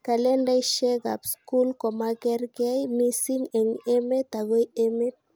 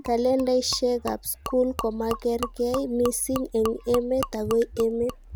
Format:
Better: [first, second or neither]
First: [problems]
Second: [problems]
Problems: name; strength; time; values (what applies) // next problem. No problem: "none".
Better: first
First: none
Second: background sound (Gurgling / Liquid); 12 dB below the speech